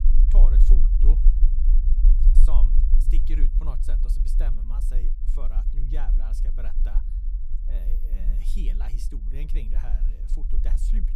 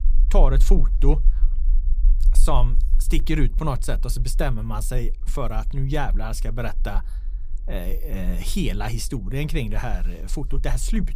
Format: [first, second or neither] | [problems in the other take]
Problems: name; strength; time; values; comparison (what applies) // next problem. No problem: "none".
second | low rumble; loud; throughout; 3 dB below the speech; faint in the second